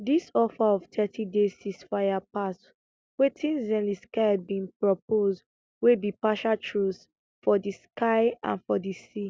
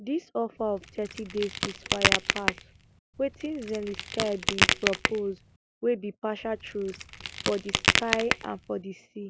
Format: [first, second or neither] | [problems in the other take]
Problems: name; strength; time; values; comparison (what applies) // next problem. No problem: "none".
first | background sound (Crack); 2 dB above the speech